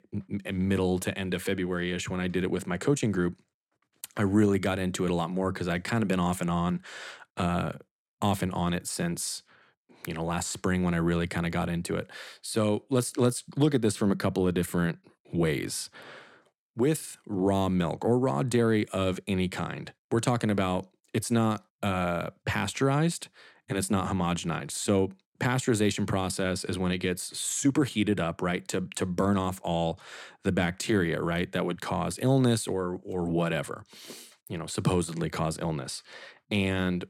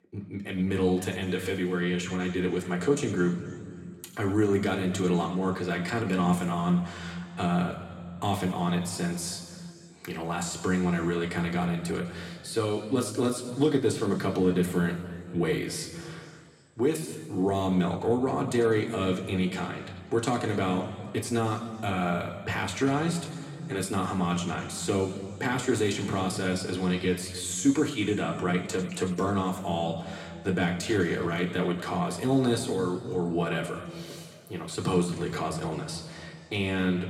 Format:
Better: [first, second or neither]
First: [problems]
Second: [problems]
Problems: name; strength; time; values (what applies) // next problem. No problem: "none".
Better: first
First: none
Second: room echo; slight; dies away in 2 s // off-mic speech; somewhat distant